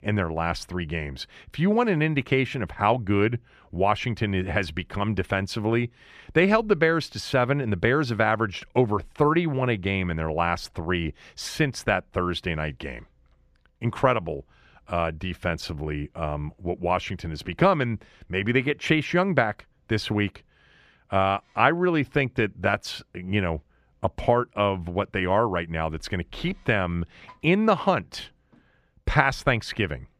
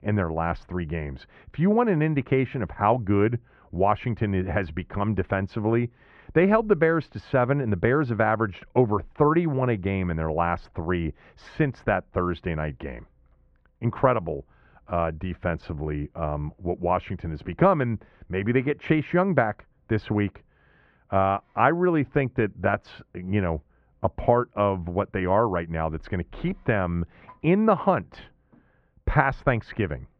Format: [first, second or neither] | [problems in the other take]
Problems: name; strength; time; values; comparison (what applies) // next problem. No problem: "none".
first | muffled; very; fading above 1.5 kHz